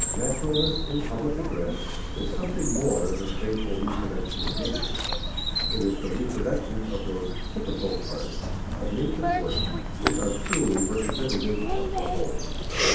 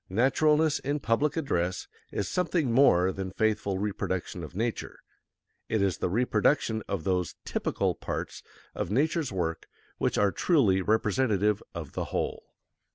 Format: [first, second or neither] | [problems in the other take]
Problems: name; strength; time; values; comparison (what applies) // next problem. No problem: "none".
second | background sound (Bird vocalization, bird call, bird song); 2 dB above the speech // room echo; dies away in 0.8 s